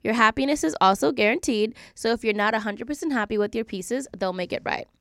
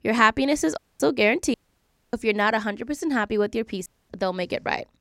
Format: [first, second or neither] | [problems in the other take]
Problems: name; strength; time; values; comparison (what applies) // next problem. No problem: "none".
first | audio cutting out; at 1 s, at 1.5 s for 0.5 s and at 4 s